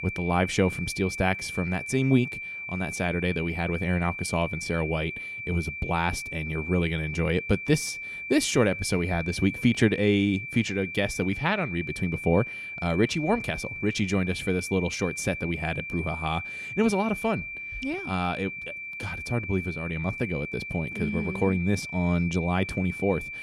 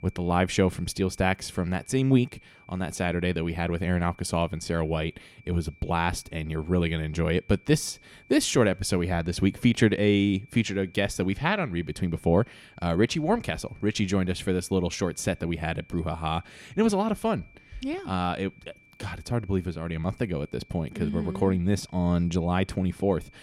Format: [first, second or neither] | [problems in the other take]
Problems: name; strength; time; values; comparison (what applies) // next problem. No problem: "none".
second | high-pitched whine; loud; throughout; 2.5 kHz, 7 dB below the speech; faint in the second